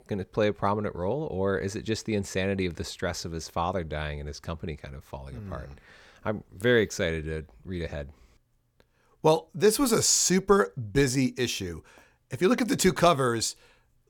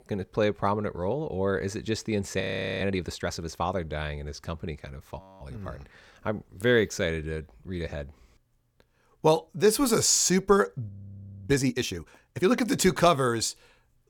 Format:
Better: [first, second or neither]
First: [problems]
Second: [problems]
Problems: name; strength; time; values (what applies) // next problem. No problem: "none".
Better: first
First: none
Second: audio freezing; at 2.5 s, at 5 s and at 11 s for 0.5 s